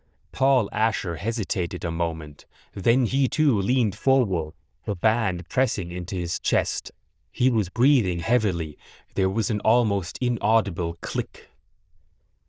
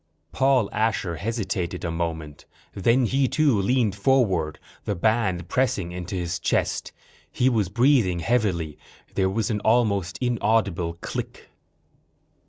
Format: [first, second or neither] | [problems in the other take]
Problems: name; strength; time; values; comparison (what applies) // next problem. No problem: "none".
second | noise reduction (neural diffusion model UNIVERSE++)